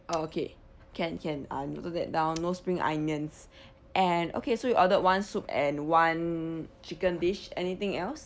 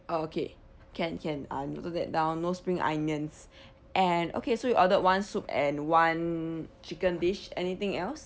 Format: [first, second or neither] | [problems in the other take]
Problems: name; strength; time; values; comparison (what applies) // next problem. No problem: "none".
second | background sound (Shatter); 19 dB below the speech